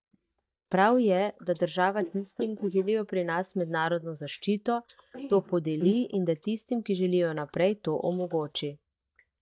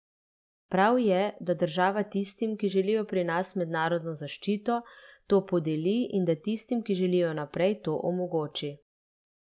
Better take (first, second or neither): second